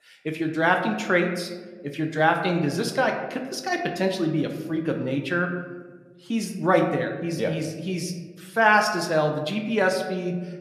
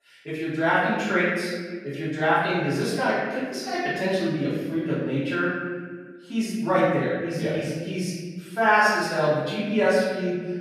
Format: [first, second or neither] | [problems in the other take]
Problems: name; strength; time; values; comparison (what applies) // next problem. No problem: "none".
first | room echo; strong; dies away in 1.5 s; slight in the first // off-mic speech; far